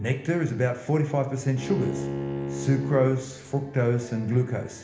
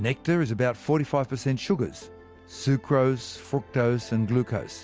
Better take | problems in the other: second | background sound (Bowed string instrument); 8 dB below the speech // room echo; dies away in 1 s

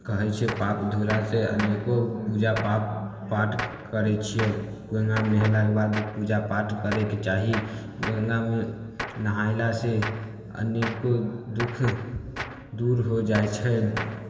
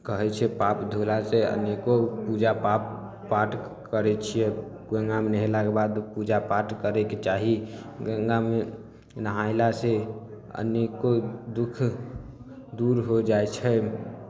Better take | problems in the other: second | background sound (Gunshot, gunfire); 12 dB below the speech // room echo; dies away in 2.2 s

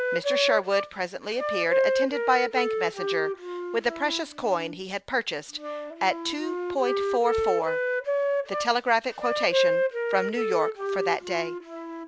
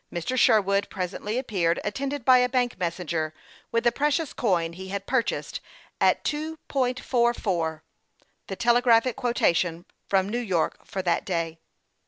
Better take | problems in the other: second | background sound (Wind instrument, woodwind instrument); as loud as the speech

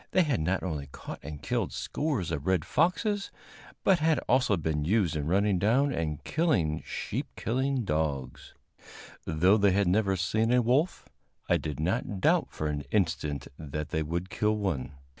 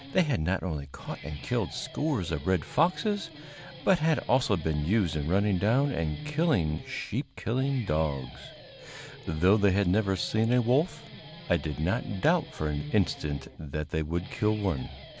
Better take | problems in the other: first | background sound (Guitar); 17 dB below the speech

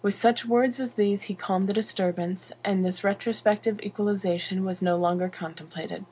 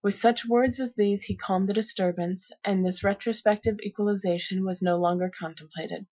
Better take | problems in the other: first | noise reduction (classical method Wiener filter)

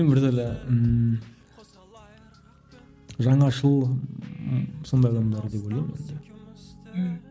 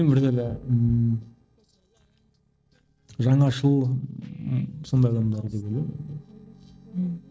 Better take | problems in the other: first | noise reduction (neural separator model SepFormer DNS4)

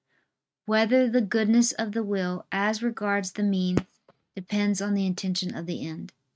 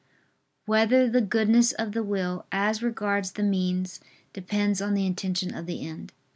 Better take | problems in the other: second | noise reduction (neural mask model RNNoise)

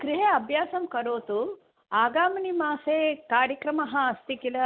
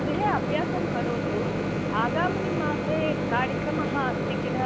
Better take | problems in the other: first | background sound (Microwave oven); 3 dB above the speech

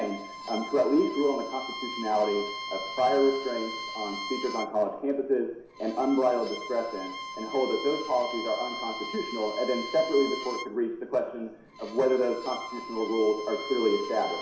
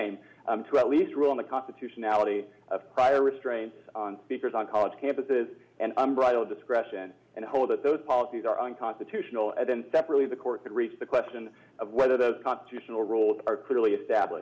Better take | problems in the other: second | background sound (Bowed string instrument); 10 dB below the speech // room echo; dies away in 0.7 s

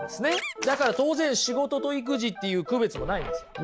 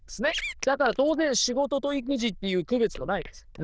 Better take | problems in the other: first | noise reduction (neural diffusion model UNIVERSE++)

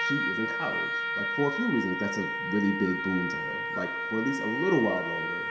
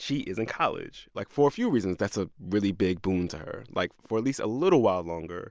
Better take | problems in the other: second | background sound (Trumpet); 1 dB below the speech // room echo; dies away in 0.7 s

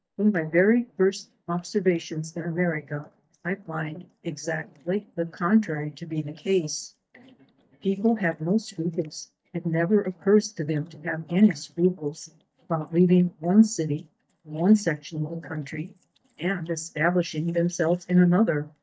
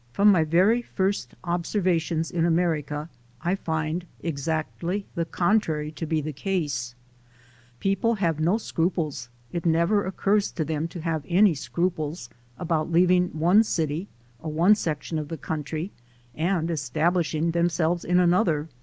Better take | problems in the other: second | noise reduction (neural mask model DeepFilterNet 3)

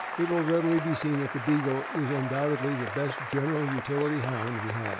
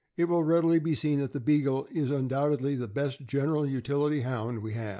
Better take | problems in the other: second | background sound (Applause / Cheering); 7 dB below the speech

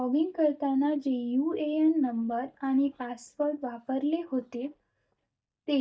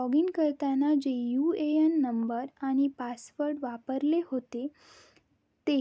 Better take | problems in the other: second | noise reduction (neural mask model DeepFilterNet 3)

